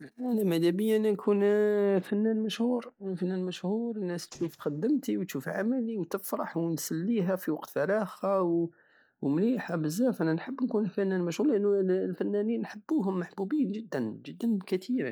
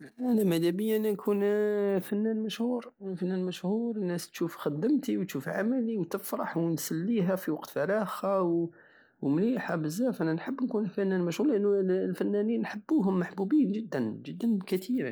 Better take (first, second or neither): second